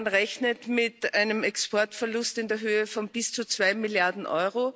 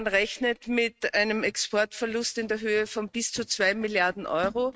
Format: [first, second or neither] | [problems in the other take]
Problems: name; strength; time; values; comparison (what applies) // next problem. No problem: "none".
first | noise reduction (neural mask model RNNoise)